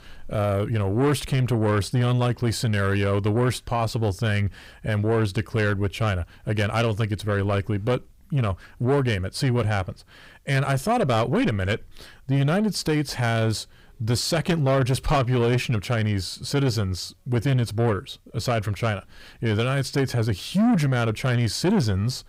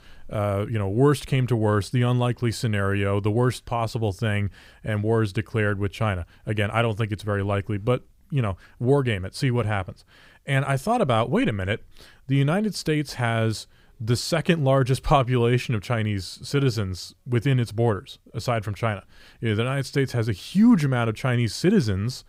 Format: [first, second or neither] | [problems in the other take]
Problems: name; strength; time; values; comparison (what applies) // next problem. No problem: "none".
second | distortion; slight; 10 dB below the speech